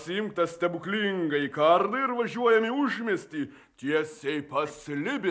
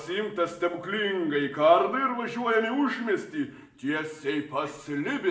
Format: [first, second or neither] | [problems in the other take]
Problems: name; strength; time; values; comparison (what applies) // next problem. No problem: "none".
first | room echo; dies away in 0.6 s